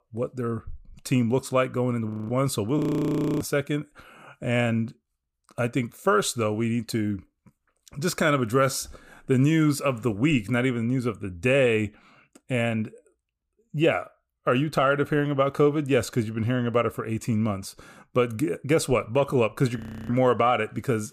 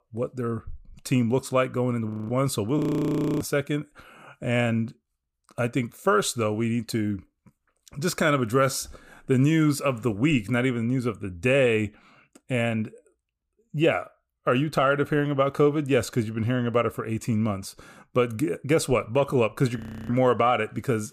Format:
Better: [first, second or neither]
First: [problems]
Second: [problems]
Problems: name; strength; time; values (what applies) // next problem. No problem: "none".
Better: neither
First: audio freezing; at 2 s, at 3 s for 0.5 s and at 20 s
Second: audio freezing; at 2 s, at 3 s for 0.5 s and at 20 s